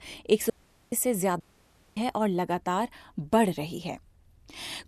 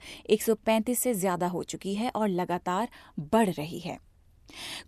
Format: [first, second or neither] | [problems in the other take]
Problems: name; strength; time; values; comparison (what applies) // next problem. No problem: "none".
second | audio cutting out; at 0.5 s and at 1.5 s for 0.5 s